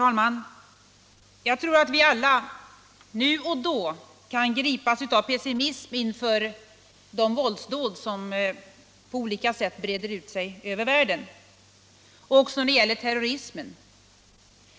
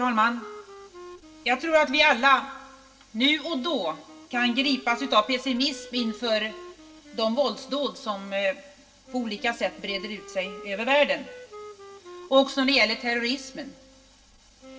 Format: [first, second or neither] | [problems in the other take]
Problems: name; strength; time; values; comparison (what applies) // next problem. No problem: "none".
first | background sound (Wind instrument, woodwind instrument); 19 dB below the speech // room echo; dies away in 0.2 s